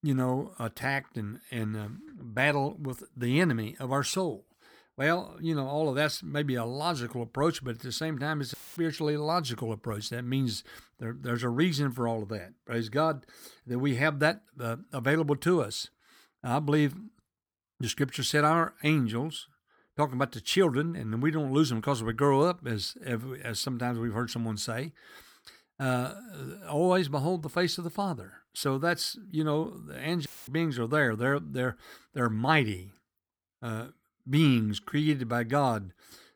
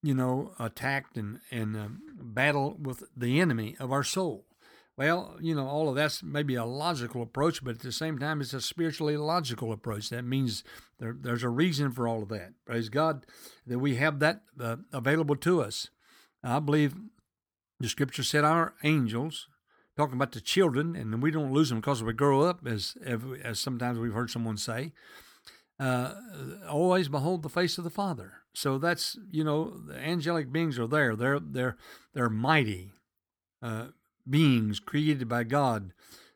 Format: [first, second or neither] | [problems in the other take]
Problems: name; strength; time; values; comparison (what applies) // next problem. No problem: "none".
second | audio cutting out; filled with static; at 8.5 s and at 30 s